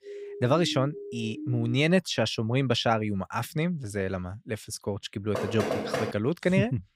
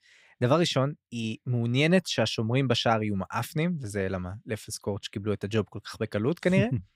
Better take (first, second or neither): second